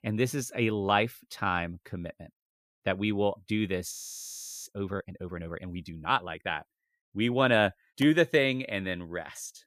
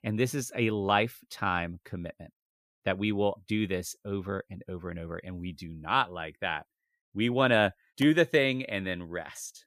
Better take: second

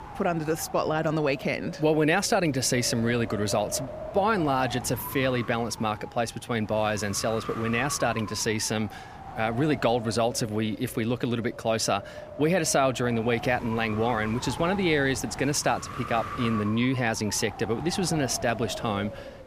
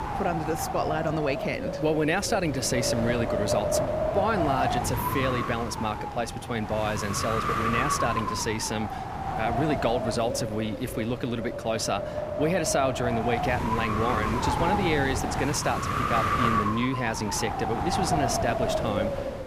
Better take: first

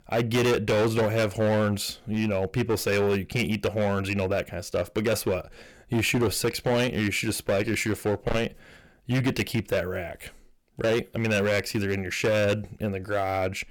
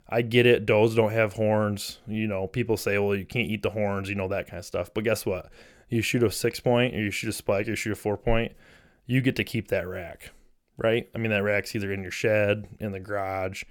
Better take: second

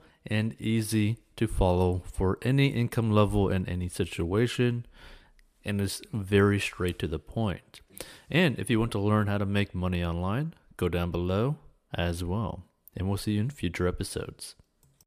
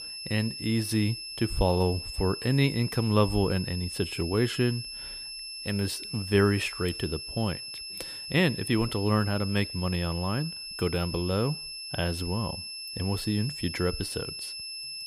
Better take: first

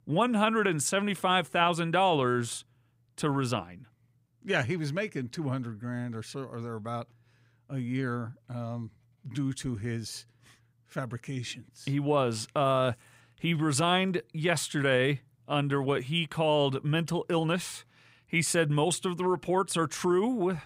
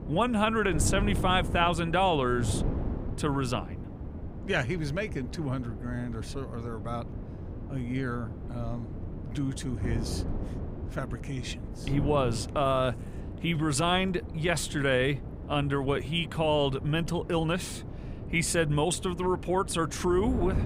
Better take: first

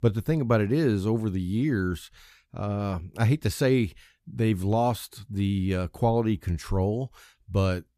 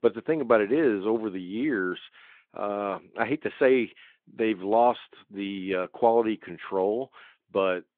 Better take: first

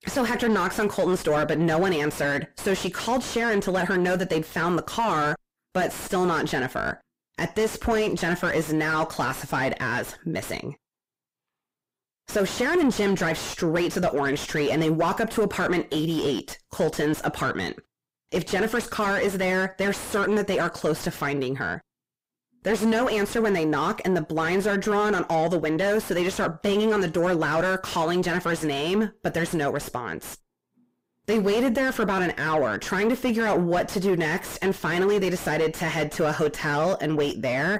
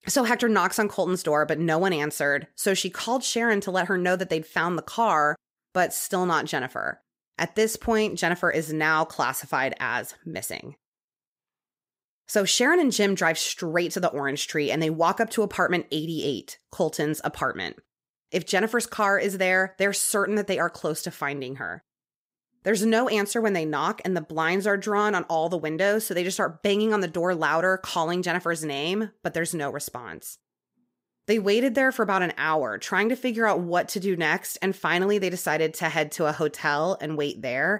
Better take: second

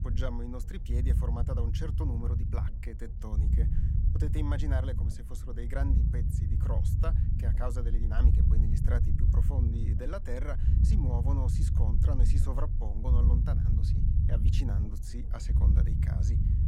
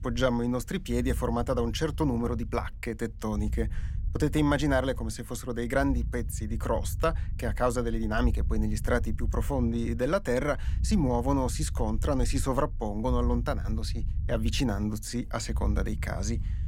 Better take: second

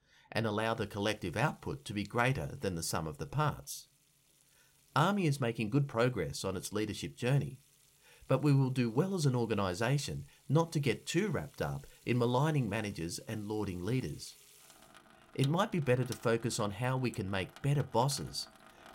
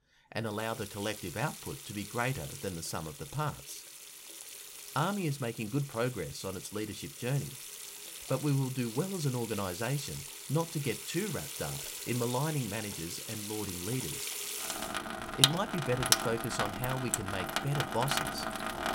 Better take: first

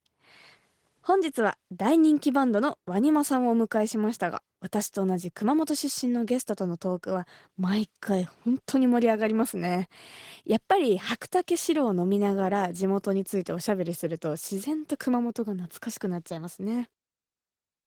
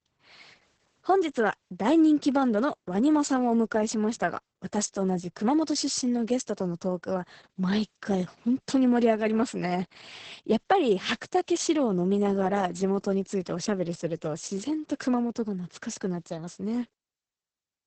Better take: first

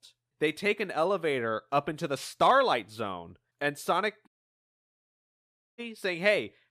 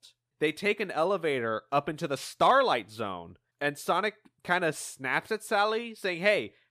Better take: second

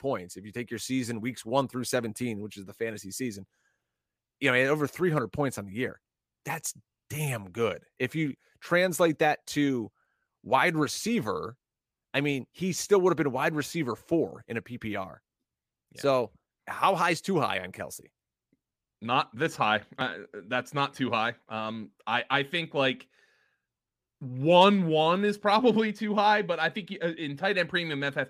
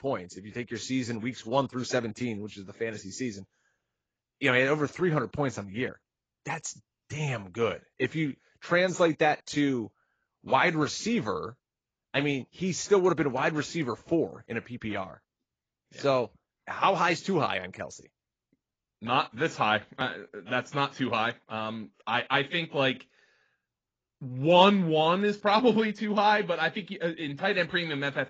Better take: first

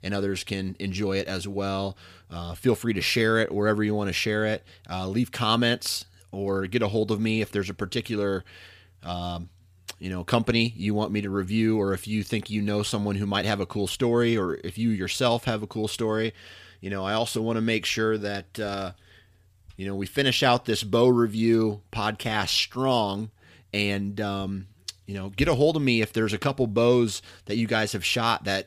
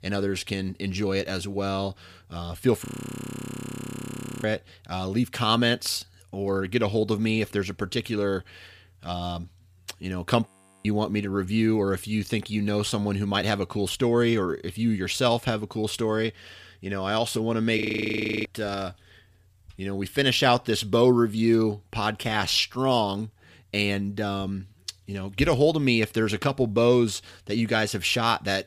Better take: first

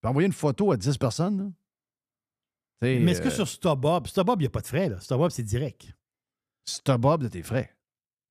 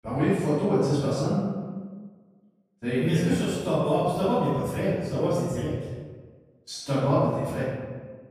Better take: first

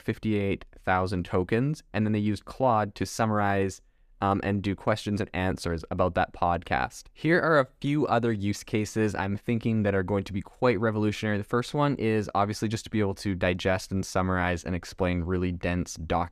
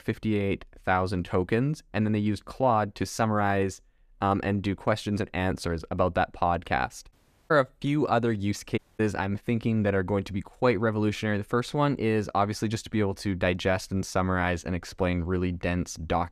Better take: first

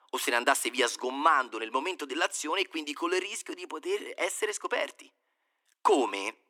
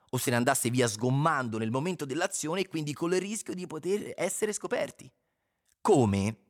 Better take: second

